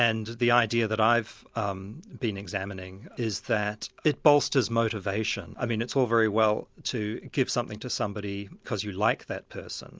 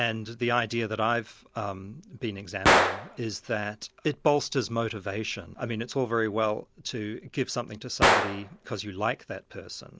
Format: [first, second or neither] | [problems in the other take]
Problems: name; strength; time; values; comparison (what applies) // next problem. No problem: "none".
first | background sound (Gunshot, gunfire); 1 dB below the speech